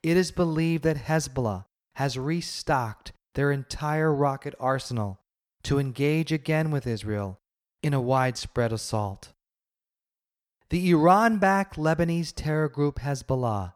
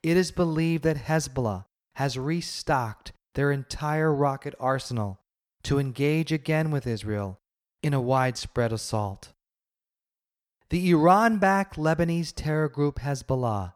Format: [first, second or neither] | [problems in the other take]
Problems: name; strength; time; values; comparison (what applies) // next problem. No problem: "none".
neither | none